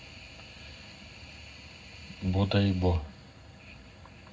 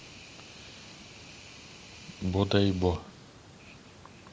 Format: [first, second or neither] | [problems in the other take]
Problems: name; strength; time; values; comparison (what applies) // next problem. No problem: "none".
second | room echo; dies away in 0.3 s